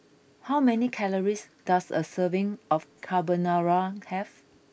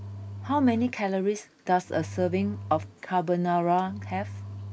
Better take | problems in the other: first | background sound (Engine); 12 dB below the speech

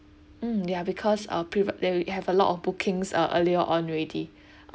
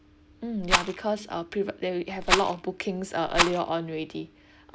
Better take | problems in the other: first | background sound (Rattle); 2 dB above the speech

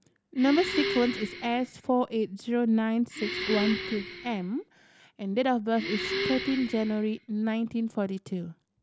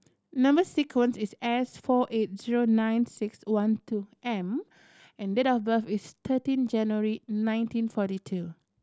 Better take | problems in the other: second | background sound (Breathing); 7 dB below the speech

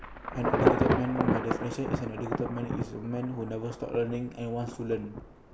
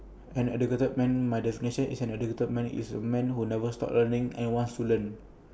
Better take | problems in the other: second | background sound (Thunder / Traffic noise, roadway noise / Rain / Insect); 2 dB above the speech

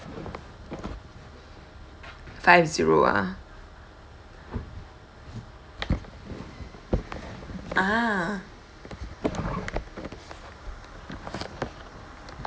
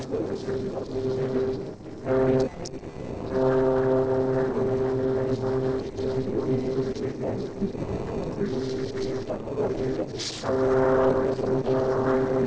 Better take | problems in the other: first | noise reduction (neural separator model SepFormer DNS4)

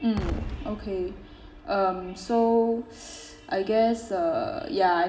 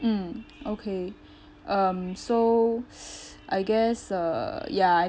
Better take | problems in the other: second | background sound (Explosion); 12 dB below the speech // room echo; dies away in 1.1 s

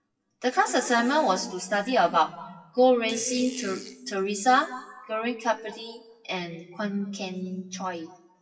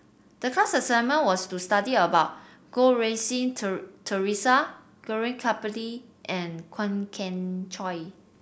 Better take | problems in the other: second | noise reduction (classical method WPE with log-MMSE)

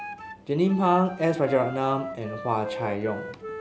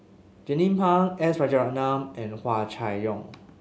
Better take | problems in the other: second | background sound (Wind instrument, woodwind instrument); 12 dB below the speech

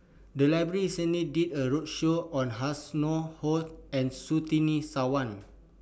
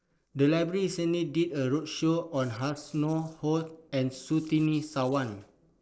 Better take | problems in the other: first | noise reduction (neural separator model SepFormer DNS4)

